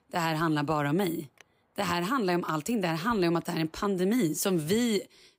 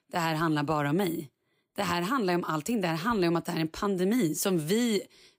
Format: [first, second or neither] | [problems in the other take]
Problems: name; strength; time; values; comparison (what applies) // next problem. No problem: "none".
second | traffic noise; faint; throughout; 30 dB below the speech